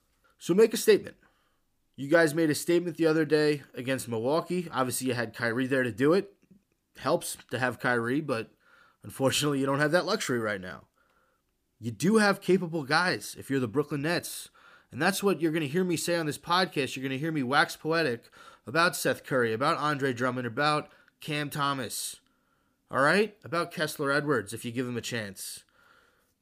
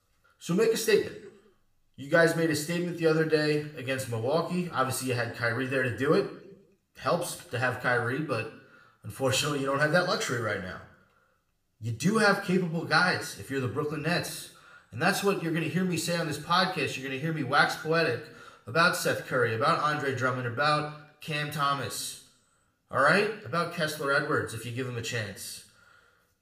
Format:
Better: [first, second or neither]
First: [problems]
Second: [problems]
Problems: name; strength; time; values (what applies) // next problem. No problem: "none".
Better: first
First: none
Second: room echo; slight; dies away in 0.5 s // off-mic speech; somewhat distant